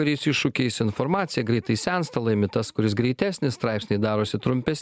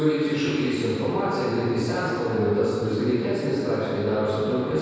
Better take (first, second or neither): first